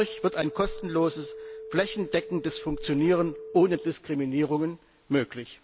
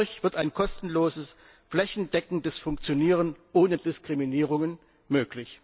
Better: second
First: background sound (Telephone); 15 dB below the speech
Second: none

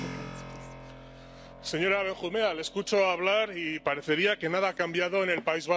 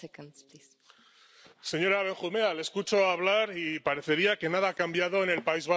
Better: second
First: background sound (Keyboard (musical)); 17 dB below the speech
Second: none

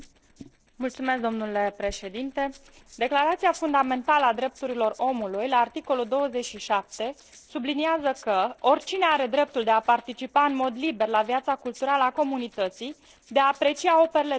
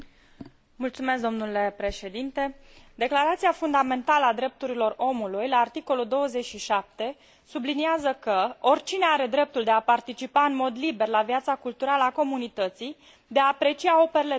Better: second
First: noise reduction (neural separator model SepFormer DNS4)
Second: none

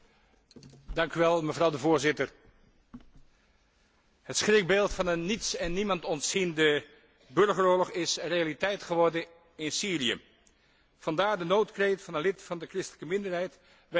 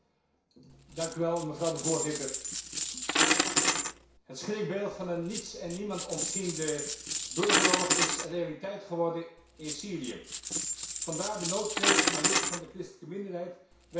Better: first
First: none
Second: background sound (Coin (dropping)); 4 dB above the speech // room echo; dies away in 0.6 s

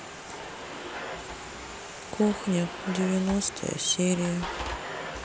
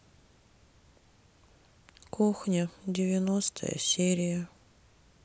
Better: second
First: background sound (Domestic sounds, home sounds); 7 dB below the speech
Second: none

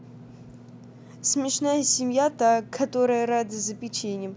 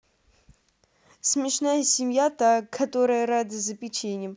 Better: second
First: background sound (Engine / Mechanisms); 19 dB below the speech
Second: none

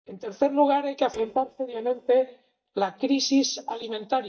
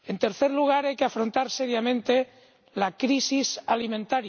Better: second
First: noise reduction (neural mask model DeepFilterNet 3)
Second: none

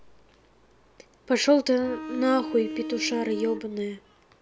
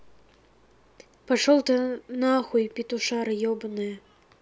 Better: second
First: background sound (Bowed string instrument); 8 dB below the speech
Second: none

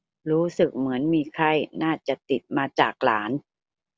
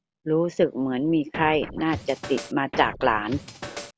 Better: first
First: none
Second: background sound (Scratching (performance technique)); 11 dB below the speech

